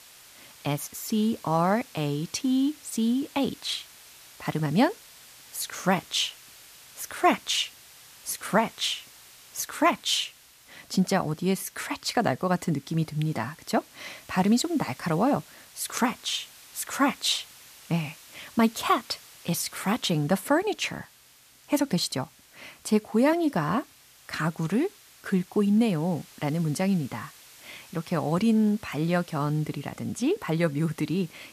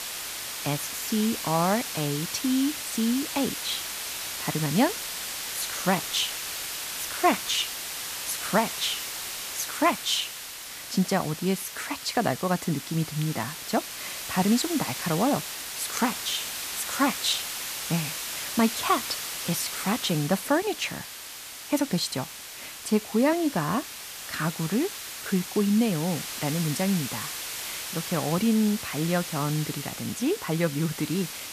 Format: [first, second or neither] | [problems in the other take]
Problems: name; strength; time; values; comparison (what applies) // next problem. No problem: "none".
first | hiss; loud; throughout; 5 dB below the speech; faint in the first